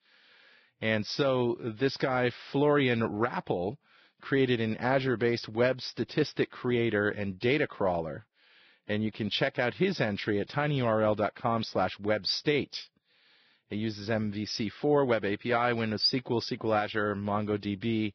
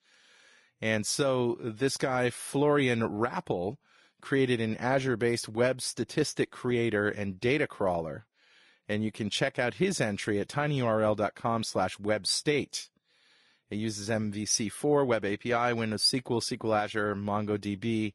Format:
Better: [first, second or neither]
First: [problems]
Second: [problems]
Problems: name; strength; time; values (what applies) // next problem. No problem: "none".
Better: second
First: garbled, watery; badly; nothing above 5.5 kHz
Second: garbled, watery; slightly; nothing above 11 kHz